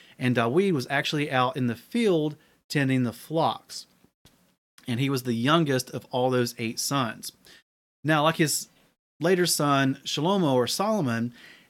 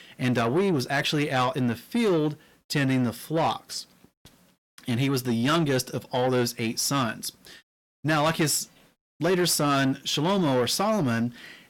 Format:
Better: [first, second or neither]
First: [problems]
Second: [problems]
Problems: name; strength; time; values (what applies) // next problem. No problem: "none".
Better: first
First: none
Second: distortion; slight; 10 dB below the speech